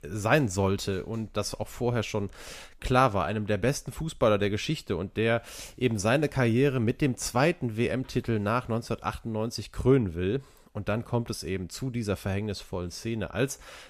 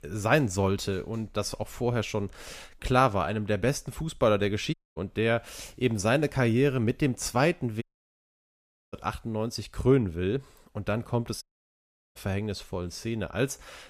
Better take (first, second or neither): first